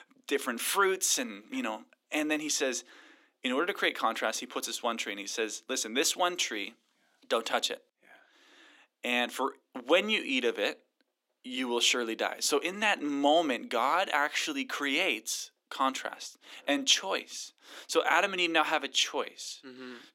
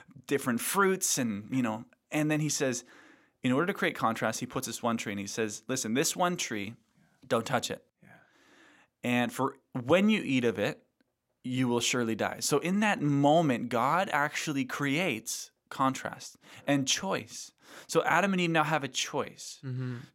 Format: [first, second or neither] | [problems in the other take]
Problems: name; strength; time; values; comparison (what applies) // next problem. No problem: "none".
second | thin; very slightly; fading below 300 Hz